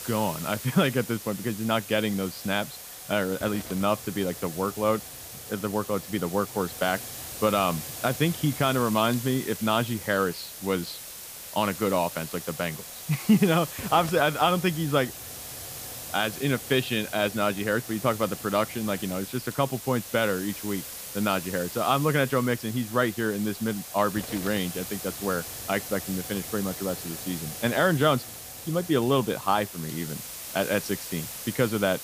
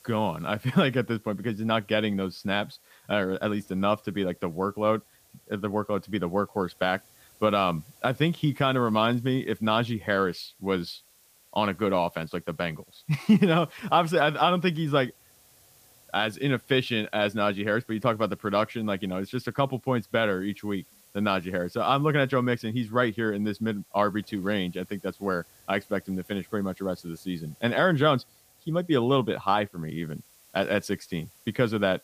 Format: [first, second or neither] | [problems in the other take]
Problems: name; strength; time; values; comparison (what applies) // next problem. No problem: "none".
second | hiss; loud; throughout; 9 dB below the speech; faint in the second